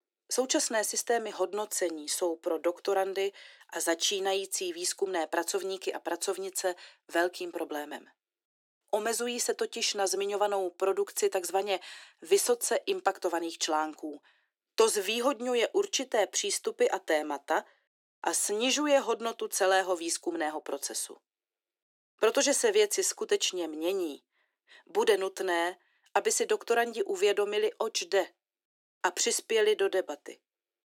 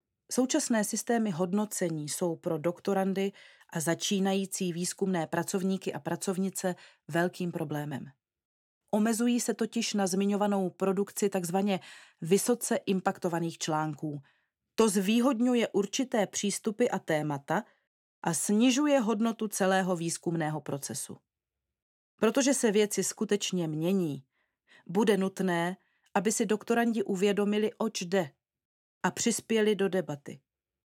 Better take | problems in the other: second | thin; very; fading below 300 Hz

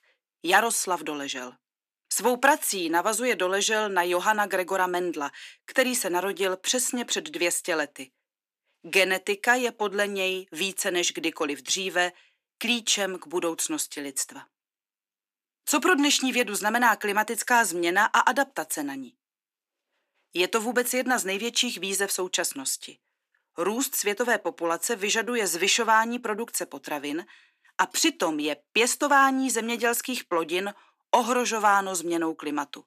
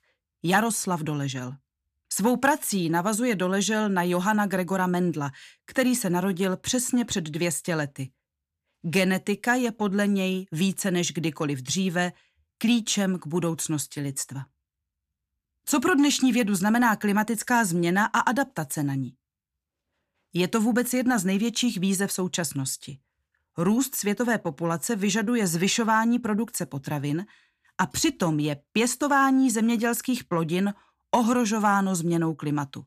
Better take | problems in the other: second | thin; somewhat; fading below 300 Hz

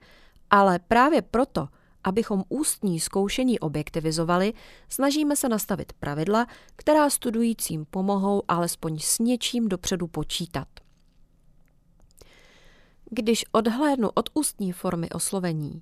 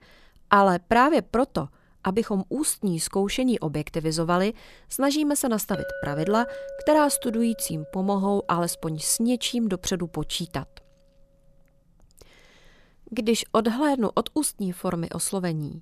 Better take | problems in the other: first | clattering dishes; noticeable; from 5.5 to 9 s; peak 9 dB below the speech

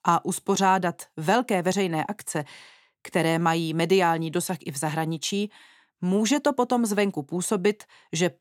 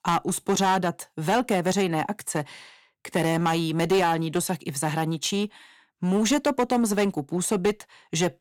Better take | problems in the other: first | distortion; slight; 8% of the sound clipped

